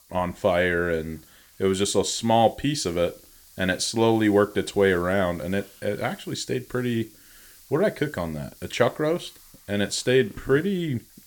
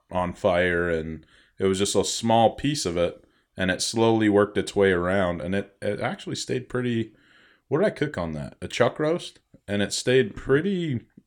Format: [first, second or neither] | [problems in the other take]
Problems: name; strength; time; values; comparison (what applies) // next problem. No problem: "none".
second | hiss; faint; throughout; 25 dB below the speech